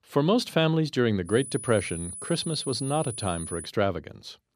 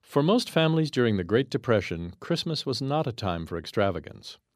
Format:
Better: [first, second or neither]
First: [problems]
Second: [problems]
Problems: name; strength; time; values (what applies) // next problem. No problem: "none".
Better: second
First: high-pitched whine; loud; from 1.5 to 3.5 s; 10 kHz, 10 dB below the speech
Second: none